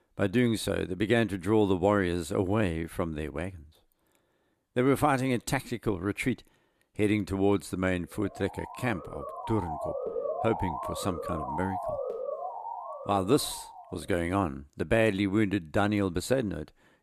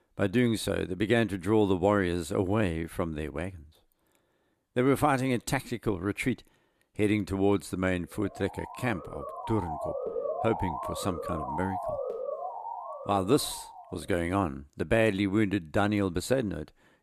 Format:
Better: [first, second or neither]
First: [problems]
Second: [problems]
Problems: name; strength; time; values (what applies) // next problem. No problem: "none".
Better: neither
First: siren; noticeable; from 8 to 14 s; peak 4 dB below the speech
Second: siren; noticeable; from 8 to 14 s; peak 4 dB below the speech